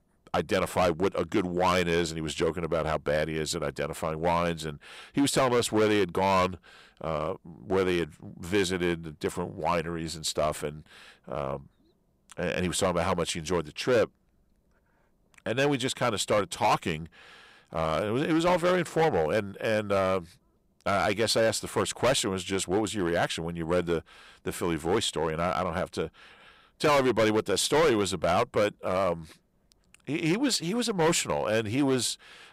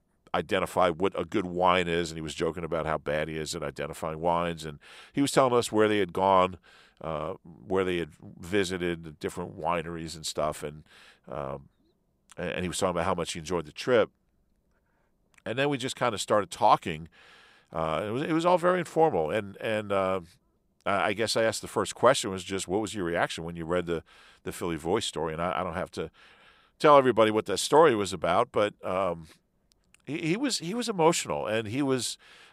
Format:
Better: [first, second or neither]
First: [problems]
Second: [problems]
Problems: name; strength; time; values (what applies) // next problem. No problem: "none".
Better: second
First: distortion; heavy; 6% of the sound clipped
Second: none